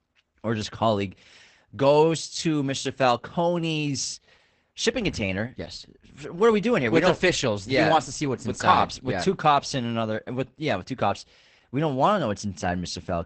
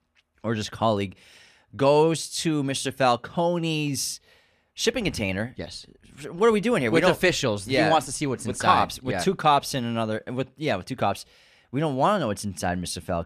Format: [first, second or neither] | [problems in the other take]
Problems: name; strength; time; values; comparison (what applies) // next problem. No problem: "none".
second | garbled, watery; badly; nothing above 8 kHz